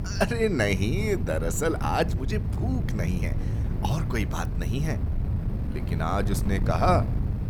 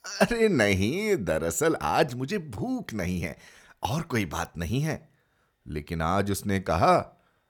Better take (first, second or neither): second